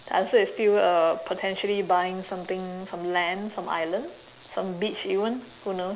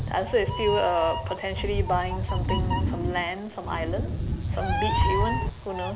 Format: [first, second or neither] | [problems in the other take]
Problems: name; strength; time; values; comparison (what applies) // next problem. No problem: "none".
first | background sound (Meow); 1 dB above the speech